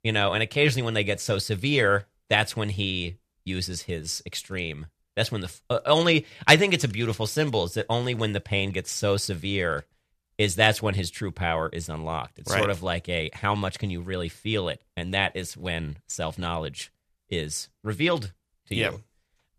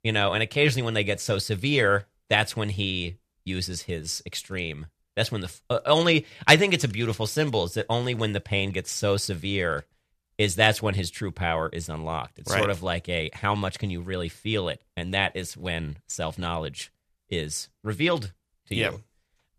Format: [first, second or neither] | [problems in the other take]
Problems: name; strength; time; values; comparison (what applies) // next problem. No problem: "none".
neither | none